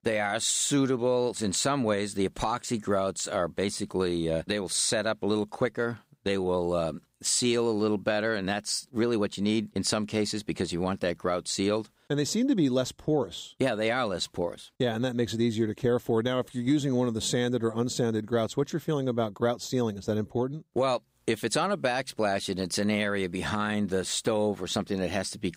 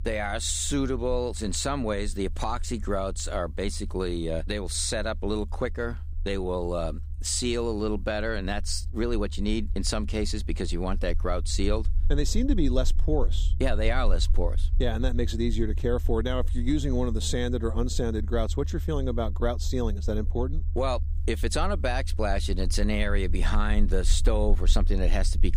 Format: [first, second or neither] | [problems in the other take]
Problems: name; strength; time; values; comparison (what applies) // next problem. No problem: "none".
first | low rumble; faint; throughout; 20 dB below the speech